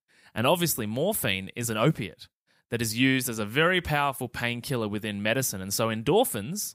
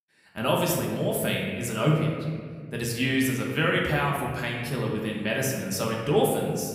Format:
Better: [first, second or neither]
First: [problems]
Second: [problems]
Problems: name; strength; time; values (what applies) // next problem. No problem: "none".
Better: first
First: none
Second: room echo; noticeable; dies away in 1.8 s // off-mic speech; somewhat distant